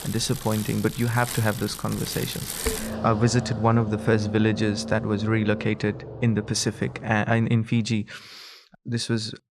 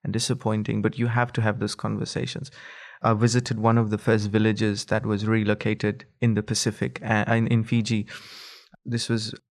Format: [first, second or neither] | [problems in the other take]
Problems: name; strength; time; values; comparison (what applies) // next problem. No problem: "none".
second | traffic noise; loud; until 7.5 s; 9 dB below the speech